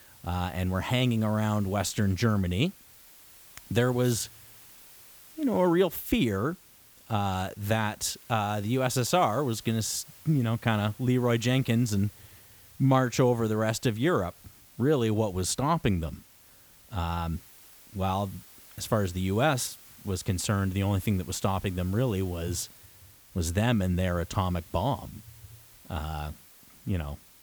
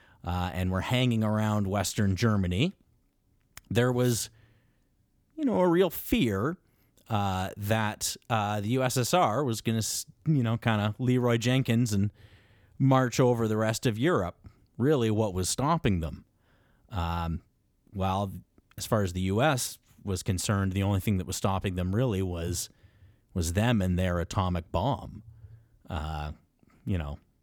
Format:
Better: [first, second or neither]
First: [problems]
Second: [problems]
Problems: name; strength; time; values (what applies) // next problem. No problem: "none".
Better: second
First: hiss; faint; throughout; 20 dB below the speech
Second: none